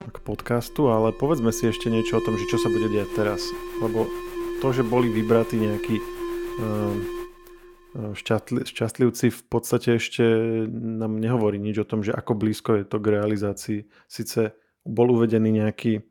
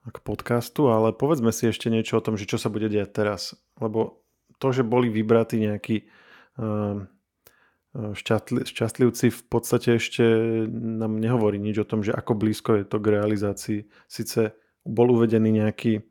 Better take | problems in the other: second | alarm; noticeable; until 7.5 s; peak level with the speech

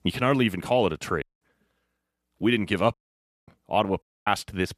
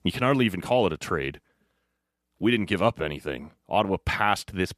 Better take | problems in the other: second | audio cutting out; at 1 s, at 3 s for 0.5 s and at 4 s

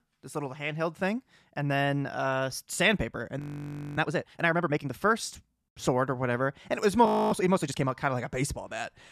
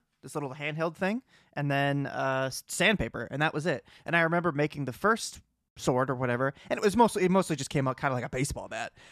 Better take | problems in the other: second | audio freezing; at 3.5 s for 0.5 s and at 7 s

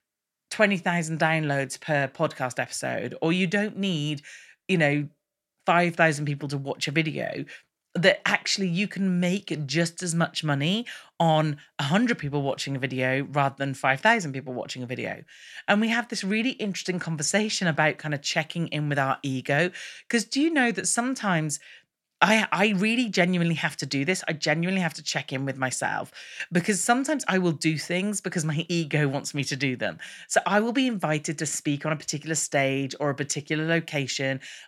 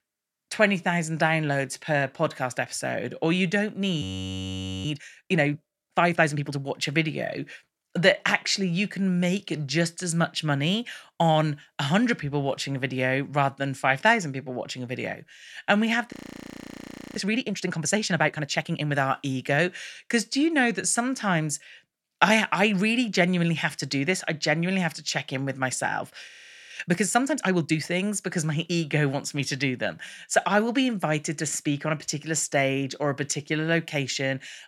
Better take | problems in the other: first | audio freezing; at 4 s for 1 s, at 16 s for 1 s and at 26 s

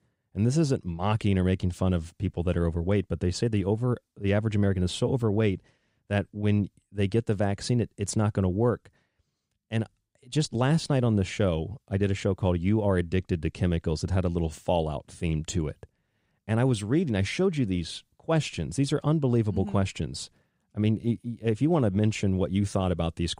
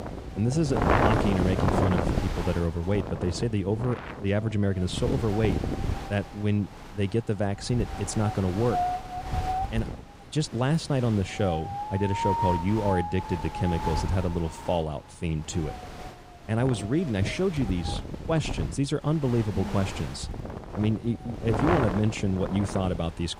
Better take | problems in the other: first | wind noise on the microphone; heavy; as loud as the speech

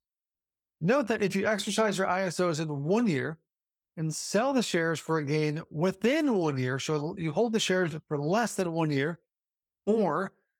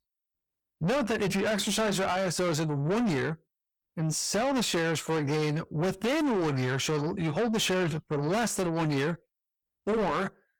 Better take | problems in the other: first | distortion; heavy; 7 dB below the speech

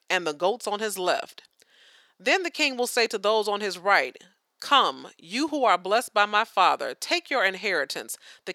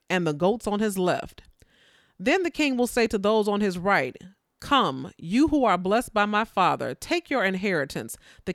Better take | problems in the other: second | thin; somewhat; fading below 500 Hz

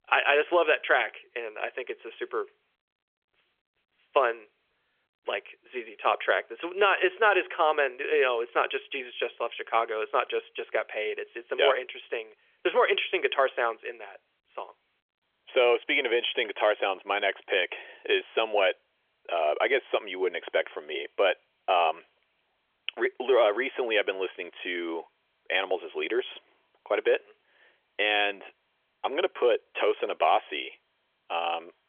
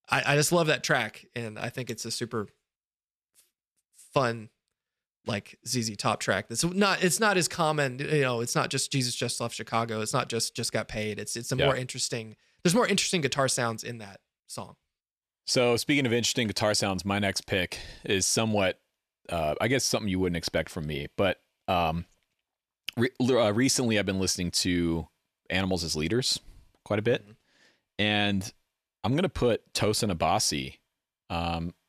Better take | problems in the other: second | phone-call audio; nothing above 3.5 kHz

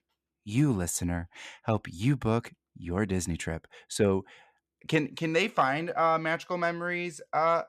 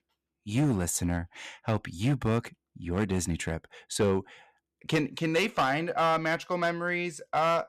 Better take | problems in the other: first | distortion; slight; 5% of the sound clipped

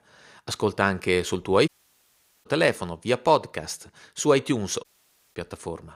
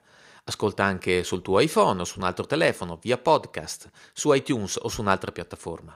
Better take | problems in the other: second | audio cutting out; at 1.5 s for 1 s and at 5 s for 0.5 s

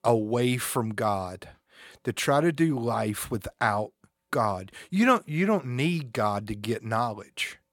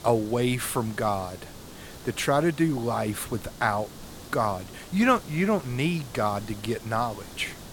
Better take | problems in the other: first | hiss; noticeable; throughout; 15 dB below the speech

